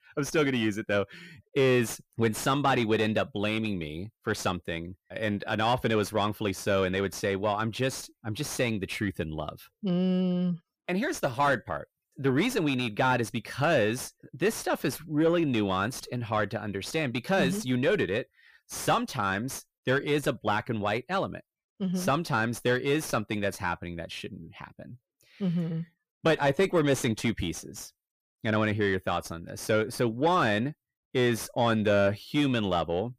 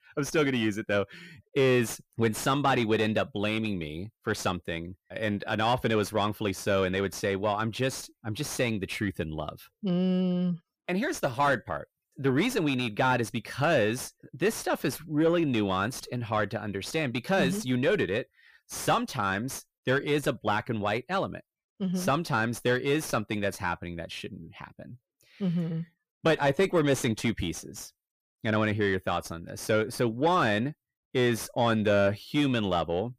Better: neither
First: distortion; slight; 10 dB below the speech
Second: distortion; slight; 10 dB below the speech

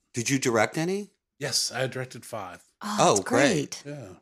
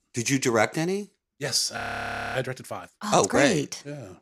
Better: first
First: none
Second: audio freezing; at 2 s for 0.5 s

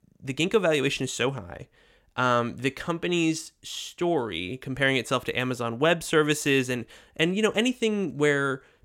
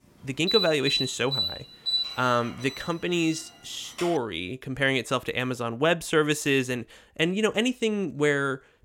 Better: first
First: none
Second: alarm; loud; until 4 s; peak 1 dB above the speech

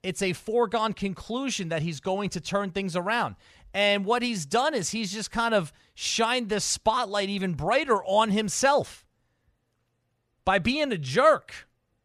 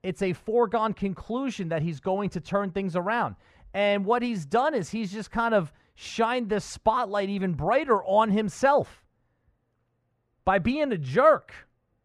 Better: first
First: none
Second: muffled; slightly; fading above 2.5 kHz

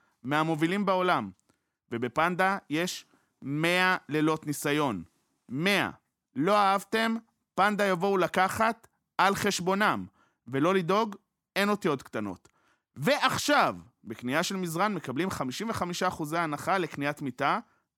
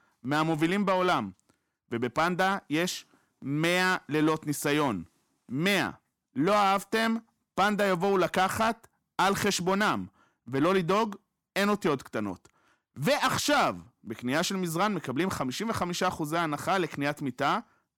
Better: first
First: none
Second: distortion; slight; 3% of the sound clipped

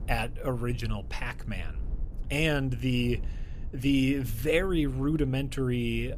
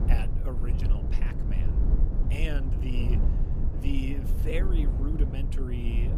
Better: first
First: low rumble; faint; throughout; 25 dB below the speech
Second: low rumble; loud; throughout; 3 dB below the speech

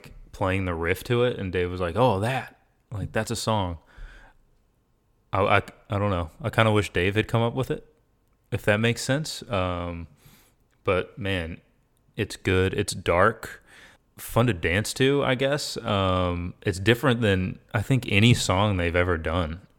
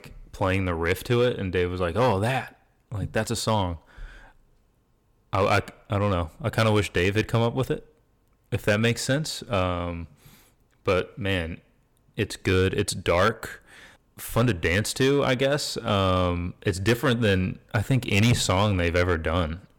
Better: first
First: none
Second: distortion; slight; 3% of the sound clipped

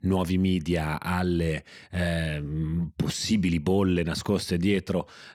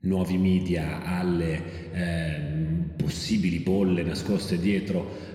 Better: first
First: none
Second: room echo; slight; dies away in 1.6 s

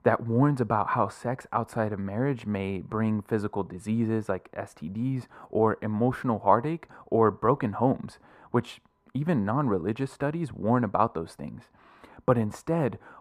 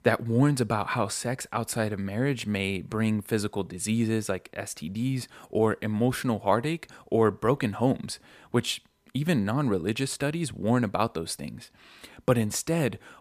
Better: second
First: muffled; very; fading above 2 kHz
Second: none

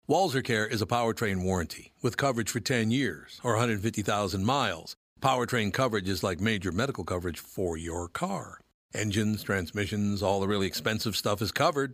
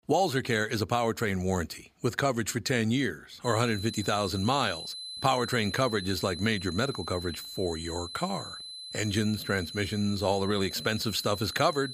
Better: first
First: none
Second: high-pitched whine; loud; from 3.5 s on; 4 kHz, 9 dB below the speech

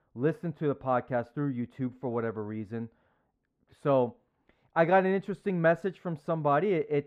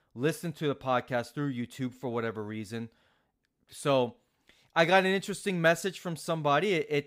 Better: second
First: muffled; very; fading above 3 kHz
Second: none

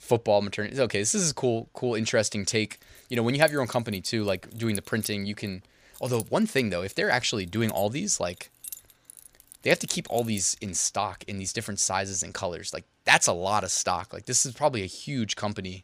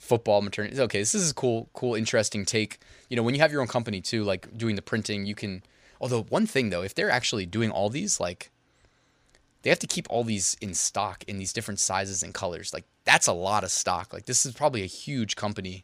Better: second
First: jangling keys; noticeable; from 3 to 10 s; peak 9 dB below the speech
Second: none

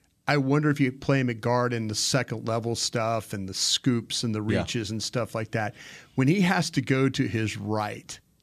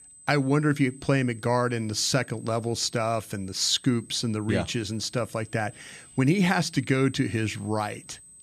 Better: first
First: none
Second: high-pitched whine; faint; throughout; 8 kHz, 20 dB below the speech

